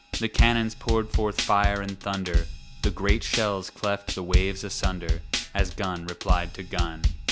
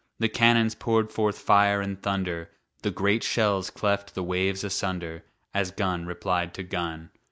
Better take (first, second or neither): second